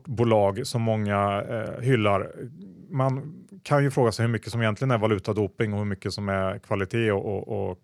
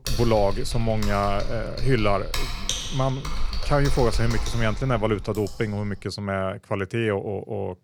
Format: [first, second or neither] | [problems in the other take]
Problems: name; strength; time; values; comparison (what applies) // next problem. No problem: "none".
first | keyboard typing; noticeable; until 6 s; peak 2 dB below the speech